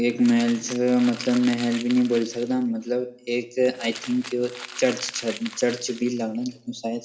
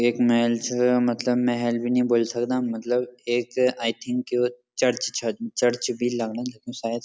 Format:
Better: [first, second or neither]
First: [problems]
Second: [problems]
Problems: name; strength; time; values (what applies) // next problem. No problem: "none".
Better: second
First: background sound (Crumpling, crinkling); 16 dB below the speech // room echo; dies away in 1.1 s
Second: none